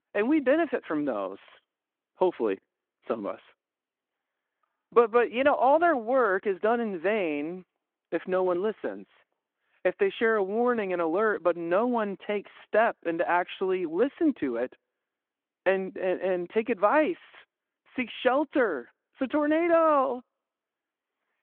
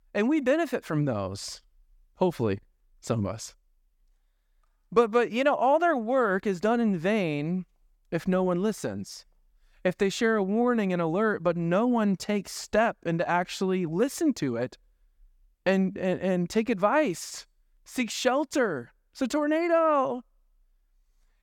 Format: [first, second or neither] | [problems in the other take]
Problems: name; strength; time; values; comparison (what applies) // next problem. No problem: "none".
second | phone-call audio